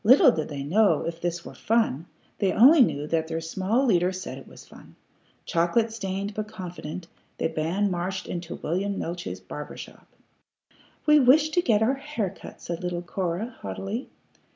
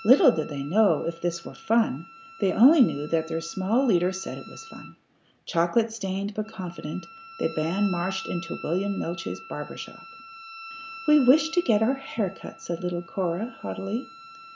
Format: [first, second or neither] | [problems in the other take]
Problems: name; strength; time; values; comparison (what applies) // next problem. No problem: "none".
first | background sound (Wind instrument, woodwind instrument); 18 dB below the speech